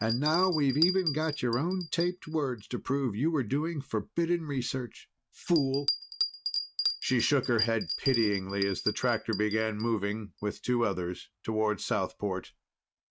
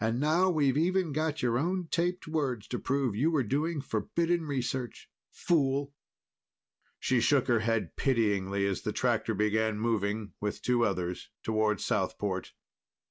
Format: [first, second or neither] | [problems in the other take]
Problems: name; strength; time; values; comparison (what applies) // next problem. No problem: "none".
second | noise reduction (neural mask model RNNoise)